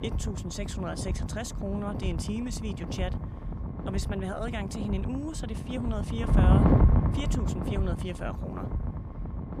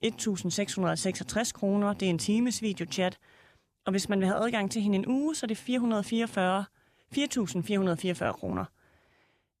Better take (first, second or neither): second